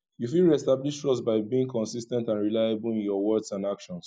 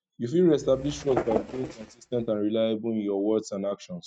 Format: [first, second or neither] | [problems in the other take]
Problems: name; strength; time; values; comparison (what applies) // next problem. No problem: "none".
first | noise reduction (neural mask model RNNoise)